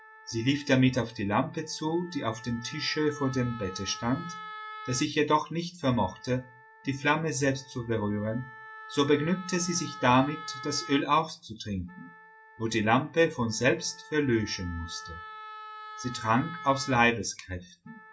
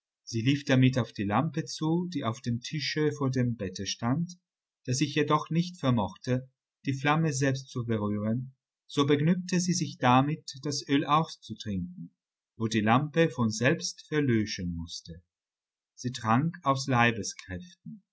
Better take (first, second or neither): second